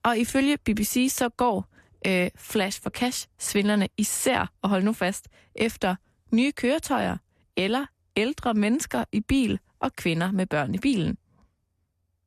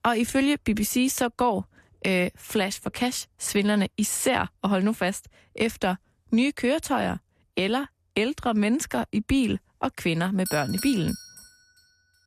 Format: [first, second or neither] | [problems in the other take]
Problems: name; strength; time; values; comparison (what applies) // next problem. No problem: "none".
first | doorbell; noticeable; at 10 s; peak 6 dB below the speech